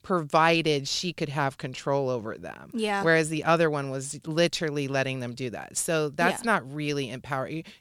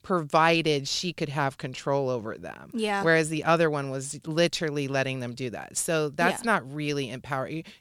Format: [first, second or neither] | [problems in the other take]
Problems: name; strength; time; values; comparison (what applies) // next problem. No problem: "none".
neither | none